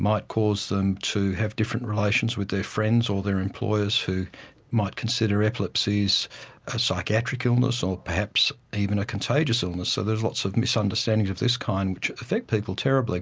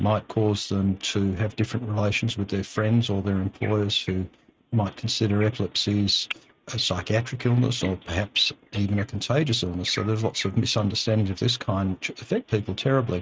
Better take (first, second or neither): first